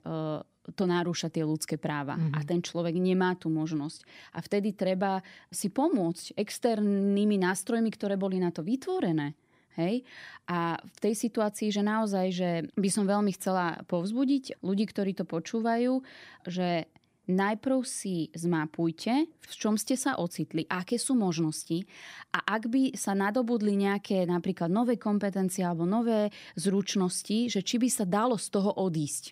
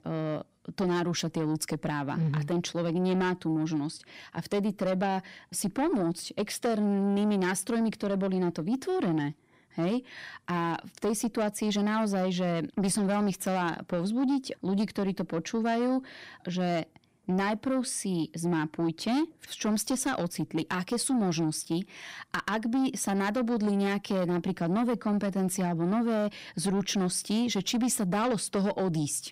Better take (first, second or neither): first